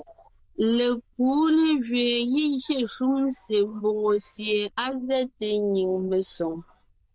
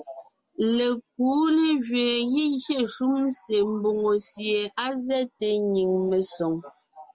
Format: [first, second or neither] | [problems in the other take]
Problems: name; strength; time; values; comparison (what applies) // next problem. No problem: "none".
second | noise reduction (neural diffusion model UNIVERSE++)